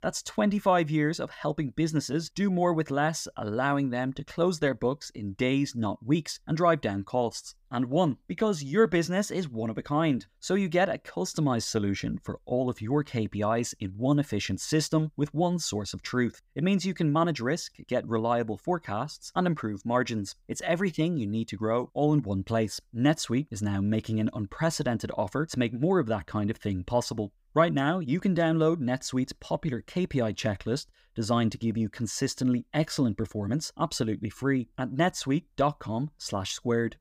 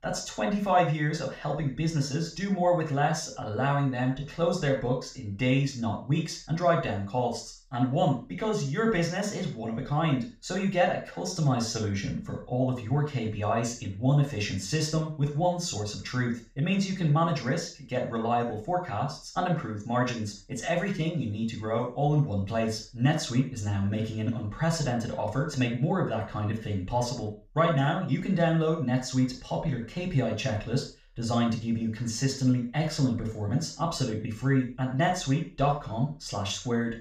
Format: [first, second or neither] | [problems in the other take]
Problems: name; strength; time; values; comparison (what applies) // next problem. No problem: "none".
first | room echo; noticeable; dies away in 0.4 s // off-mic speech; far